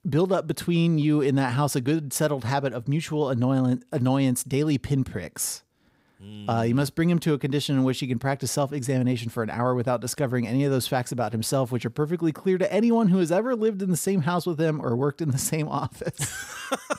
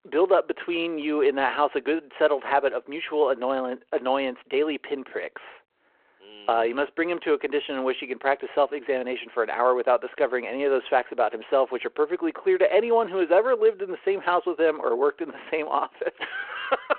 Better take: first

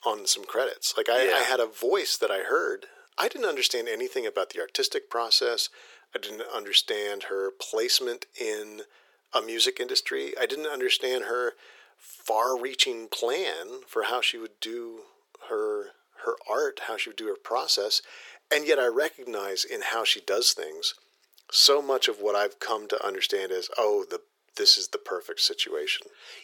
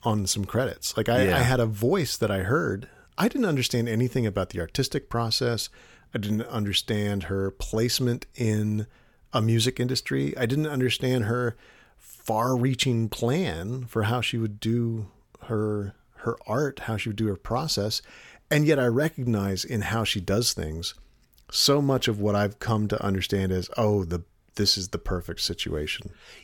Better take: second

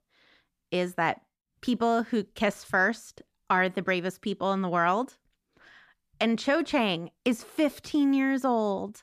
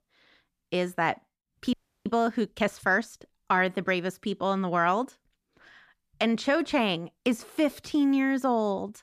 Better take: first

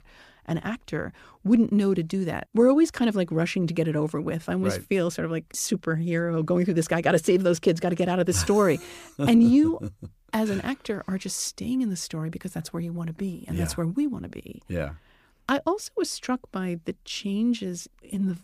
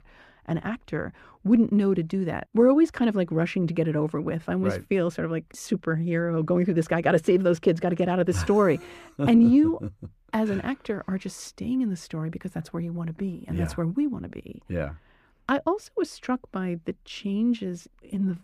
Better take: first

